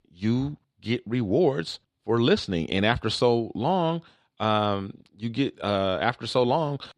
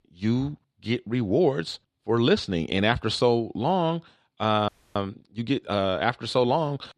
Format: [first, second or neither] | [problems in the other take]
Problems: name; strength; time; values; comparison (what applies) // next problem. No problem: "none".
first | audio freezing; at 4.5 s